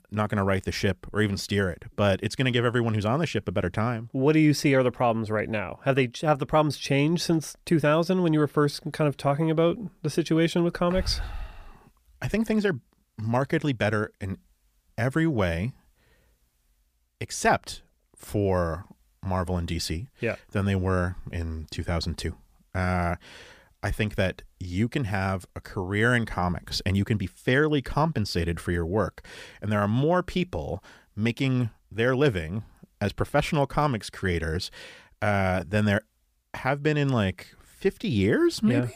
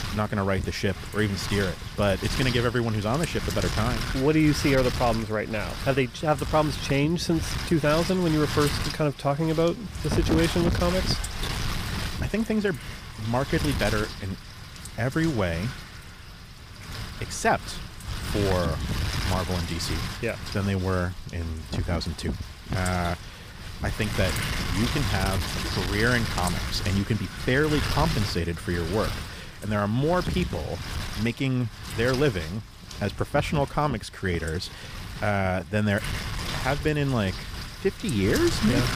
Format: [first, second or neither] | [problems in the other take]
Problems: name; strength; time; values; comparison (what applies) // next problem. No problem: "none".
first | wind noise on the microphone; heavy; 6 dB below the speech